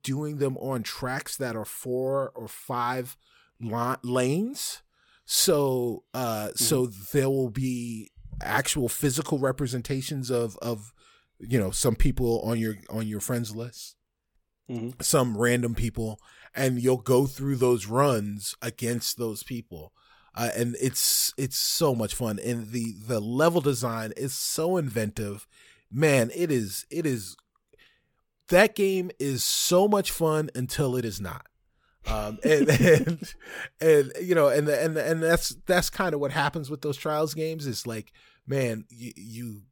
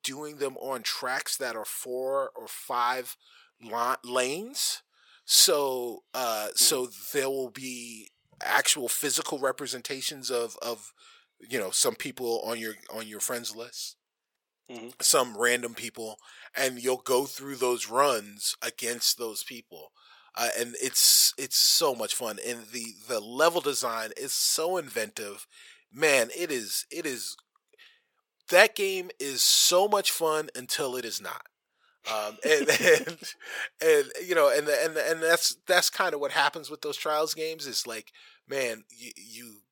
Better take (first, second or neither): first